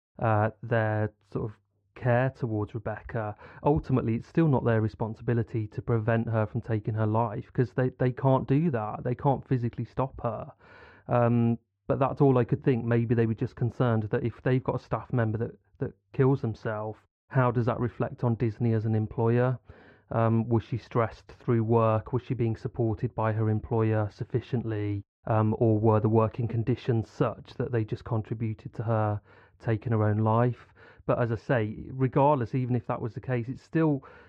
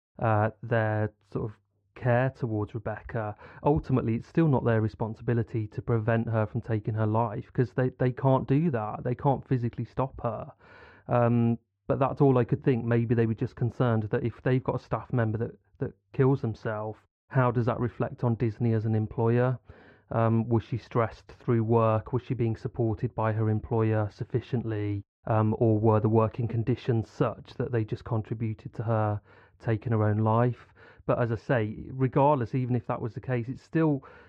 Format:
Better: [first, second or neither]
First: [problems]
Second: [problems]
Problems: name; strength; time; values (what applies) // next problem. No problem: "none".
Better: neither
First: muffled; very; fading above 1.5 kHz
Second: muffled; very; fading above 1.5 kHz